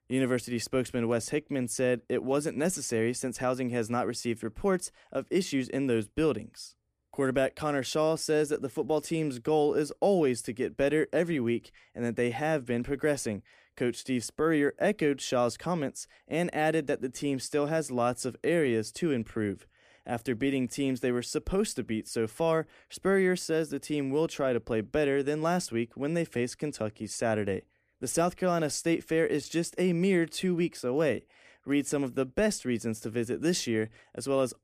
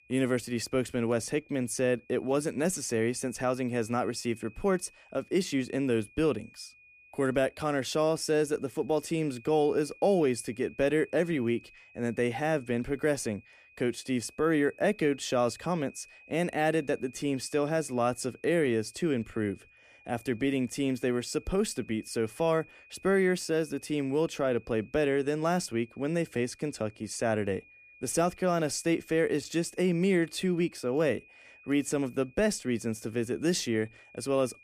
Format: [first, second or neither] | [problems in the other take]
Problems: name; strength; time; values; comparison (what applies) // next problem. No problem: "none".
first | high-pitched whine; faint; throughout; 2.5 kHz, 25 dB below the speech